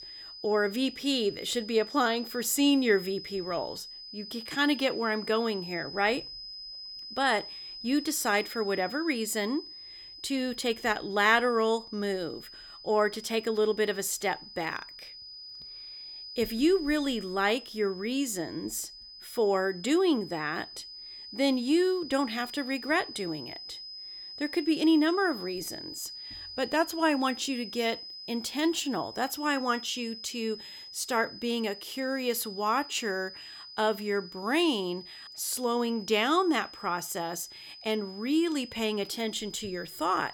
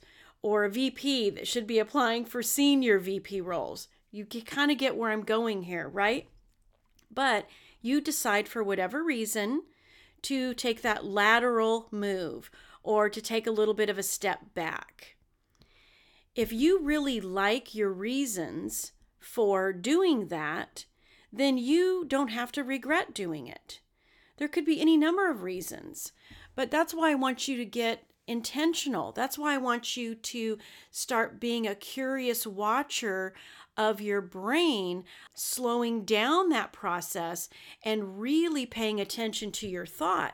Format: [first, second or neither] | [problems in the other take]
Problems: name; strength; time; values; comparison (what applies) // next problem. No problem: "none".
second | high-pitched whine; noticeable; throughout; 5 kHz, 15 dB below the speech